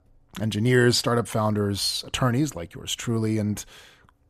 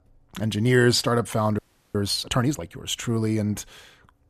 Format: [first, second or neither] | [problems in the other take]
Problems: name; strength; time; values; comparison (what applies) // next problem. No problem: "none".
first | audio freezing; at 1.5 s